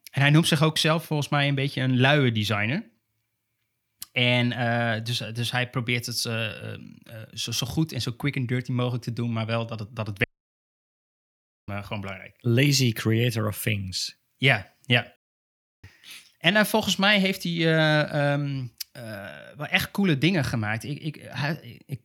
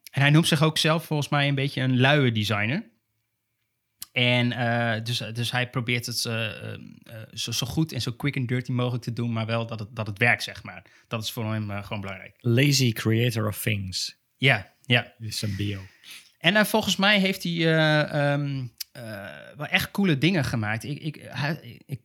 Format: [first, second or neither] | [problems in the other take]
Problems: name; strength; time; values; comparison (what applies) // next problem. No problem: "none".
second | audio cutting out; at 10 s for 1.5 s and at 15 s for 0.5 s